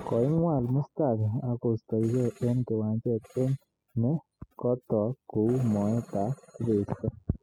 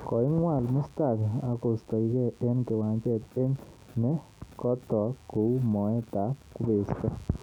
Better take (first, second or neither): second